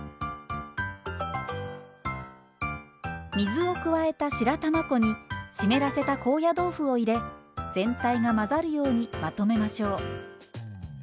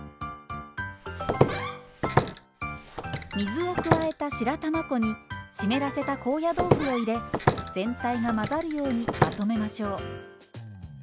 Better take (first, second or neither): first